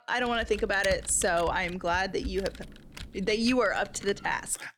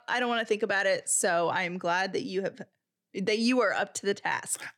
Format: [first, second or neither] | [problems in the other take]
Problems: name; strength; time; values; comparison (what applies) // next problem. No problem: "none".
second | keyboard typing; noticeable; peak 9 dB below the speech